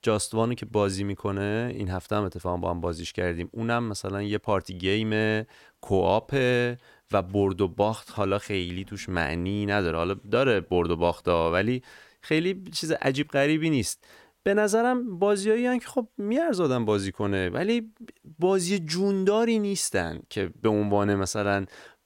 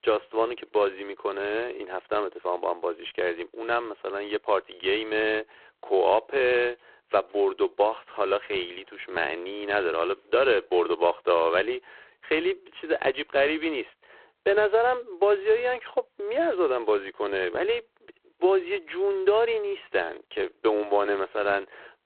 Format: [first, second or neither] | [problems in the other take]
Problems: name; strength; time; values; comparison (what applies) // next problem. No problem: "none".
first | phone-call audio; poor line